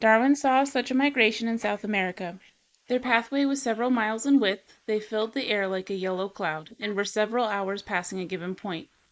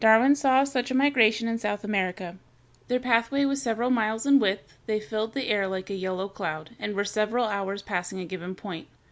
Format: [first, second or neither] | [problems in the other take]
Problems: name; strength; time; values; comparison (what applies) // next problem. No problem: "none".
second | noise reduction (neural mask model Resemble Enhance denoiser)